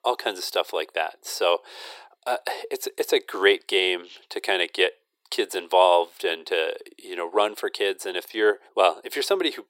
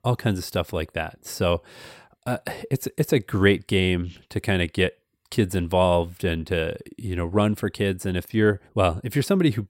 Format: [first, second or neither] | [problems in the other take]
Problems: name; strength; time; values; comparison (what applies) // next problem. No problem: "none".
second | thin; very; fading below 350 Hz